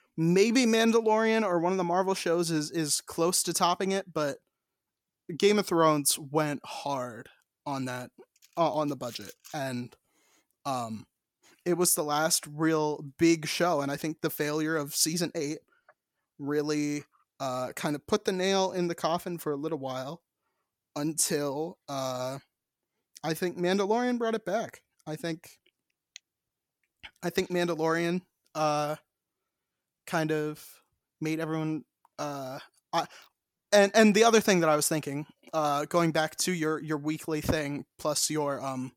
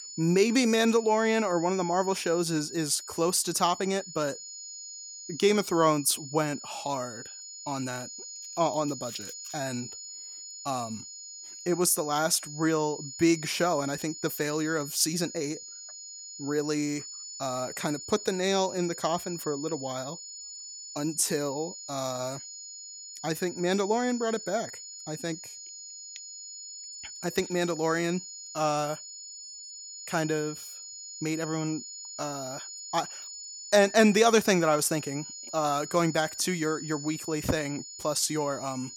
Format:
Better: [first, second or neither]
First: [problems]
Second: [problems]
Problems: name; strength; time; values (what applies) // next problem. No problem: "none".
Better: first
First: none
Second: high-pitched whine; noticeable; throughout; 7 kHz, 10 dB below the speech